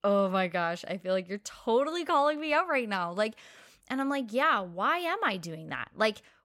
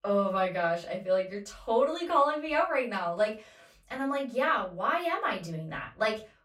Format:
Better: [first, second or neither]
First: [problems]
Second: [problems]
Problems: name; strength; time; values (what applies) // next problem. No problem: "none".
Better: first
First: none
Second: off-mic speech; far // room echo; very slight; dies away in 0.2 s